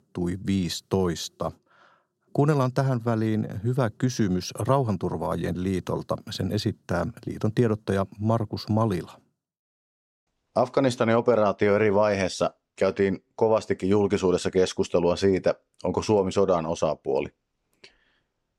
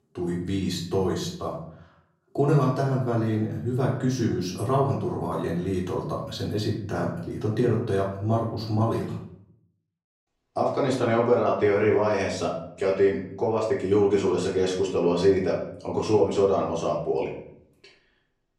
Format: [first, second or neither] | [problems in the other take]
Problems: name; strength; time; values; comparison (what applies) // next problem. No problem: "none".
first | off-mic speech; far // room echo; noticeable; dies away in 0.6 s